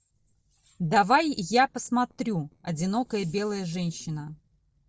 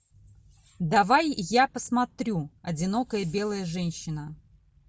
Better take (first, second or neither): second